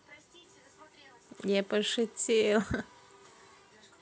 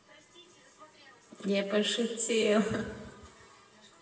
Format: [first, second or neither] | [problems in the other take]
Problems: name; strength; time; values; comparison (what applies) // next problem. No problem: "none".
first | room echo; dies away in 1.4 s